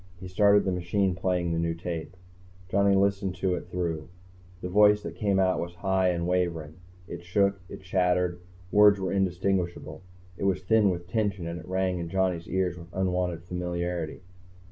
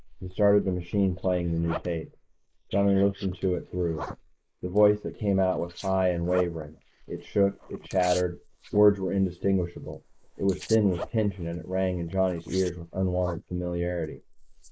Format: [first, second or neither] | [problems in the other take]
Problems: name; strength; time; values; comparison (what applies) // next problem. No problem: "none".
first | noise reduction (neural mask model Resemble Enhance denoiser)